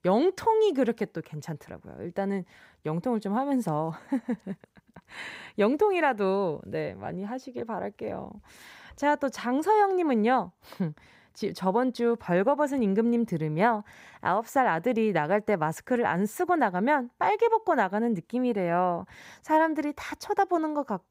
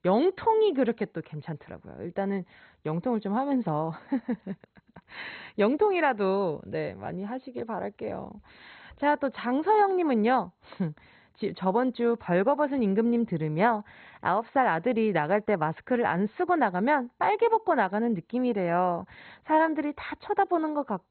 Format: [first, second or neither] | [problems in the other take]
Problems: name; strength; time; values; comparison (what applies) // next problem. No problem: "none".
first | garbled, watery; badly; nothing above 4 kHz